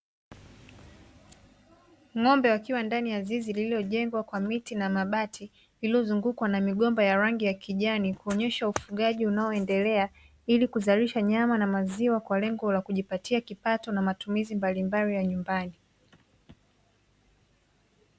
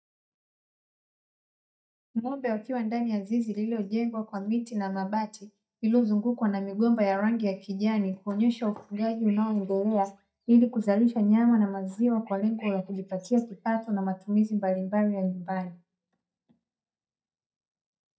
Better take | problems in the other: first | noise reduction (neural mask model DeepFilterNet 3)

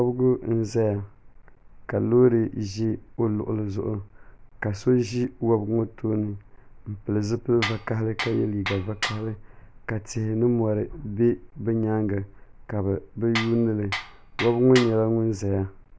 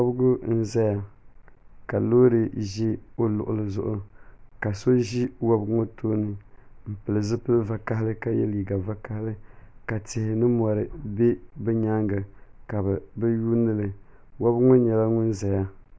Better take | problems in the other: second | background sound (Tools); 8 dB below the speech

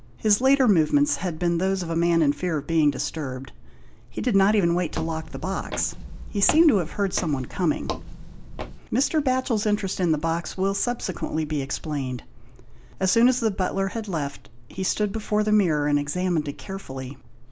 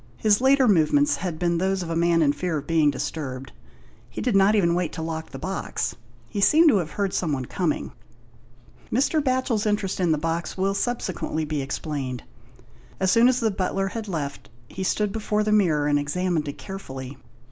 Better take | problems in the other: second | background sound (Walk, footsteps); 9 dB below the speech

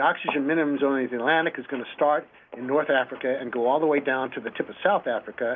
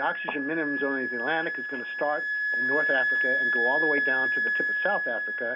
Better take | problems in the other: first | background sound (Wind instrument, woodwind instrument); 4 dB above the speech

